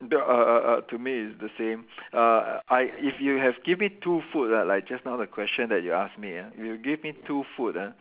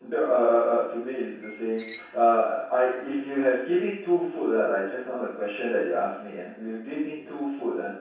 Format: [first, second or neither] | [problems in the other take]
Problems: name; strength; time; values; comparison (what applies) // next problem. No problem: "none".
first | background sound (Squeak); 20 dB below the speech // room echo; dies away in 0.7 s